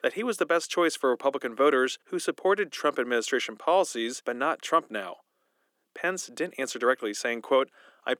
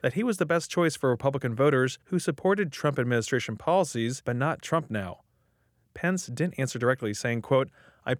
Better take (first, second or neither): second